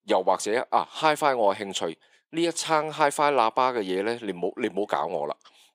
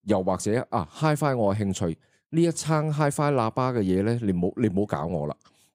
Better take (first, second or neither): second